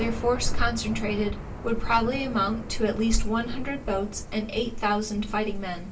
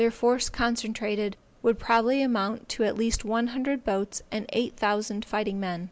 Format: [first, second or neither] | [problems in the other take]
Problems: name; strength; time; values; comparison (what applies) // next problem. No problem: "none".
second | background sound (Thunder / Rain); 11 dB below the speech // room echo; dies away in 0.2 s